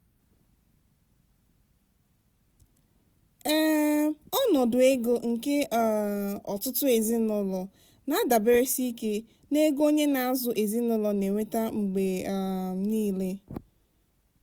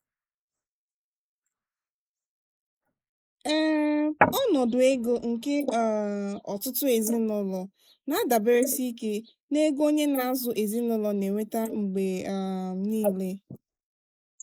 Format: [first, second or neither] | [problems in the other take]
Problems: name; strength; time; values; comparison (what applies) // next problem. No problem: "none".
first | noise reduction (neural mask model Resemble Enhance denoiser)